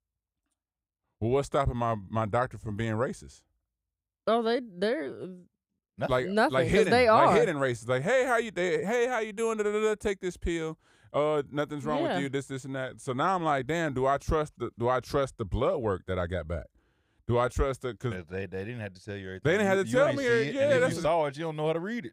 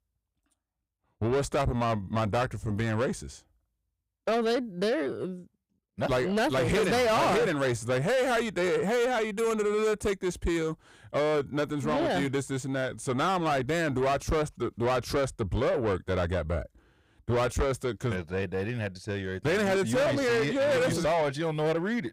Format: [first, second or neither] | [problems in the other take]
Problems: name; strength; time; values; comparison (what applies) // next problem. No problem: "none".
first | distortion; heavy; 7 dB below the speech